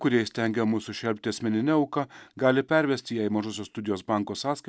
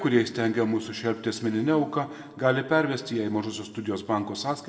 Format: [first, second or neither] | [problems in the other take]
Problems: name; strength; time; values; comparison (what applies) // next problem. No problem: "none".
first | room echo; dies away in 1.3 s